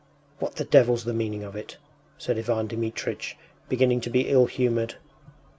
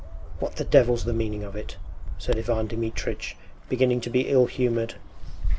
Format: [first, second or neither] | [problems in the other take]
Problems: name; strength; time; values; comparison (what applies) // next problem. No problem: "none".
first | background sound (Bird); 4 dB below the speech